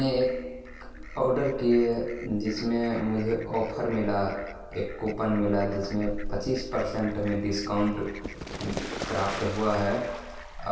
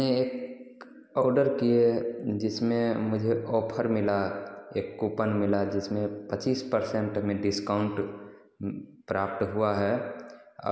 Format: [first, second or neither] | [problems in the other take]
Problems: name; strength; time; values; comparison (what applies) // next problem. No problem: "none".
second | background sound (Fowl); 11 dB below the speech // room echo; dies away in 0.2 s